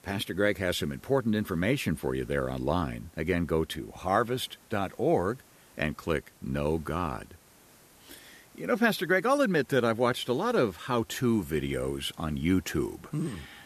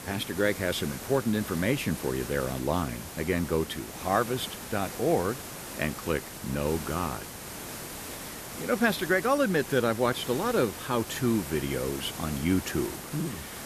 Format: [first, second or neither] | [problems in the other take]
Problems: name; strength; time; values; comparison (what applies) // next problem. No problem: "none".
first | hiss; loud; throughout; 9 dB below the speech; faint in the first